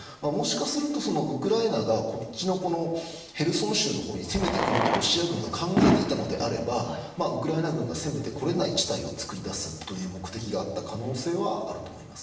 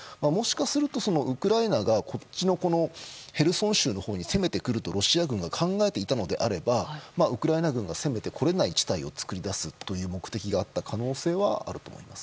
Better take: second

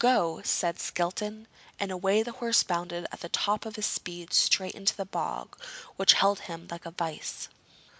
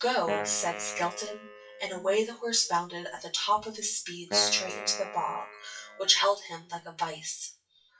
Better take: first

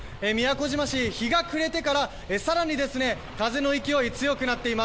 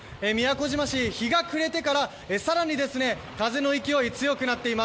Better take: second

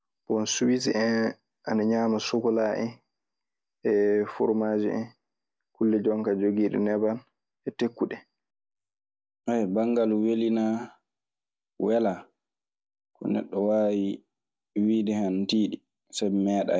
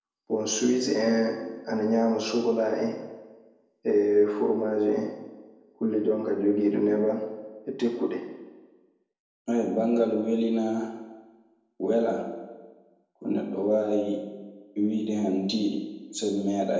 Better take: first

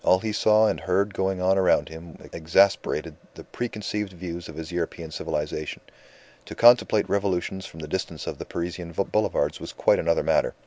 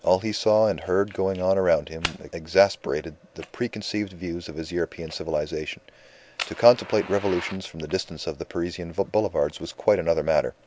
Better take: first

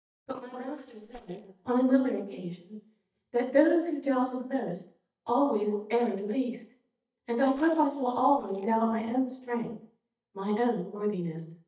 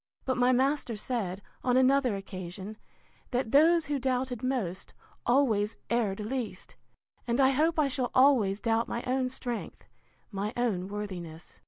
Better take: second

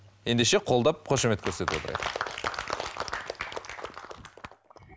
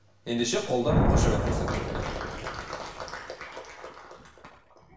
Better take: first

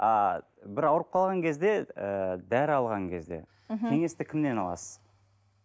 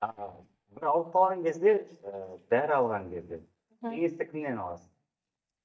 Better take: first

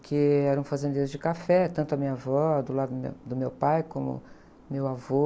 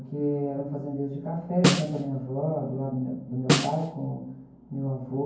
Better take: first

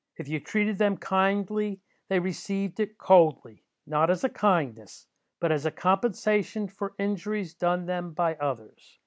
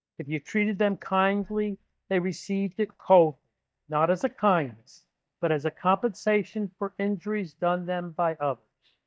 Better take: first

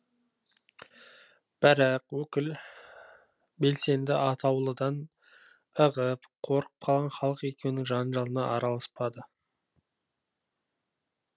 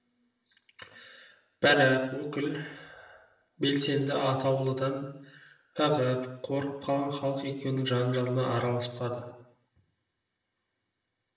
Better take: first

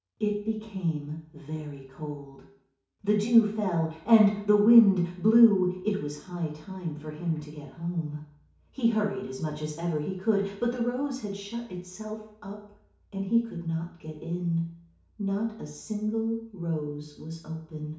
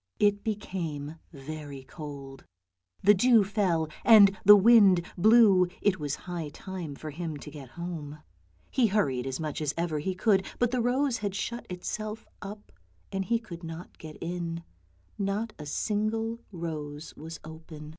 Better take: second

